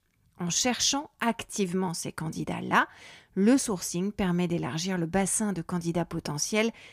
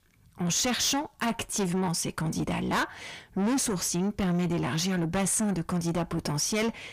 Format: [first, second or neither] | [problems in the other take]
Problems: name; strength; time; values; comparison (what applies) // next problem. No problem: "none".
first | distortion; heavy; 5 dB below the speech